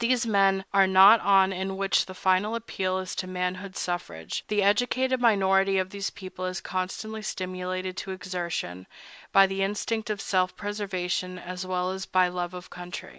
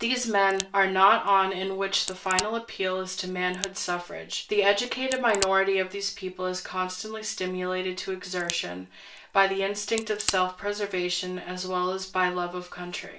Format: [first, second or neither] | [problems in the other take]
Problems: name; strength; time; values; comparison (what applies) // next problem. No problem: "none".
first | background sound (Crack); 11 dB below the speech // room echo; dies away in 0.3 s